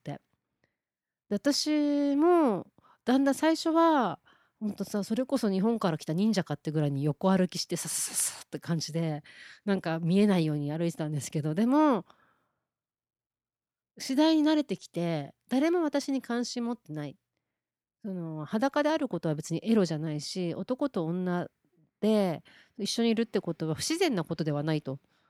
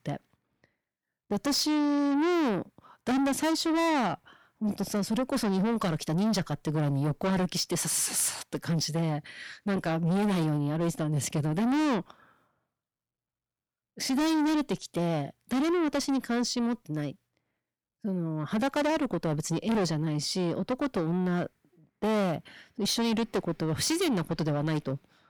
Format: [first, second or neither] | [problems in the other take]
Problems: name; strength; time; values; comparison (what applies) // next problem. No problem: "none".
first | distortion; heavy; 6 dB below the speech